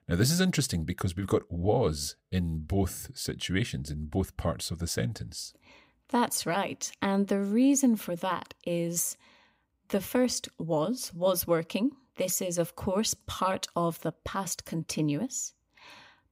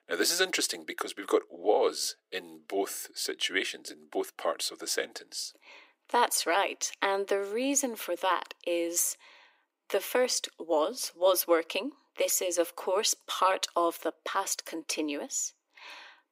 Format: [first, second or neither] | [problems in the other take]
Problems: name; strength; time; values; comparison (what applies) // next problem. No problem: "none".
first | thin; very; fading below 350 Hz